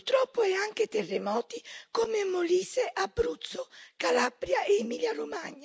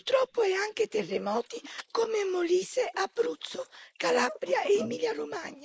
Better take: first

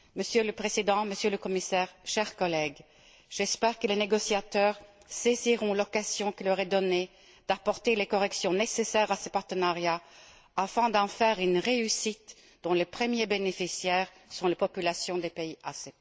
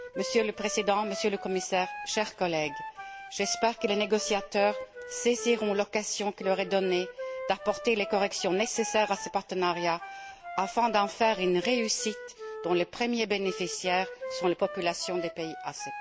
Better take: first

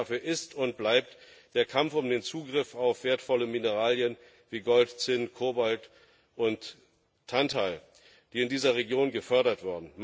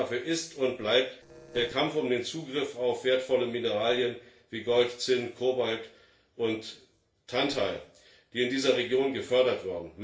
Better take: first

